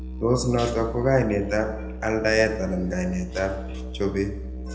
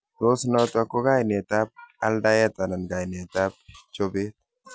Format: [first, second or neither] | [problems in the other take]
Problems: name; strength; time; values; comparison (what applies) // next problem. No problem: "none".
second | background sound (Musical instrument); 9 dB below the speech // room echo; dies away in 0.7 s